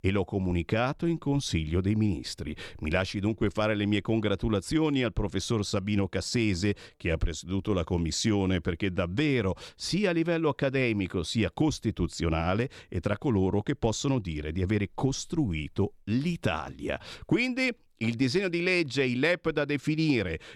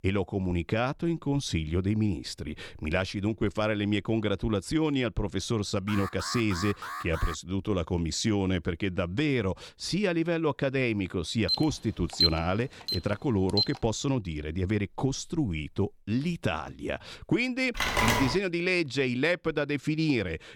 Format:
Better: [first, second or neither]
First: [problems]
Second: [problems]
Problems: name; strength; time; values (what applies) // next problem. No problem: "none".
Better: first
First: none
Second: alarm; noticeable; from 6 to 7.5 s; peak 8 dB below the speech // alarm; loud; from 11 to 14 s; peak 5 dB above the speech // phone ringing; loud; at 18 s; peak 4 dB above the speech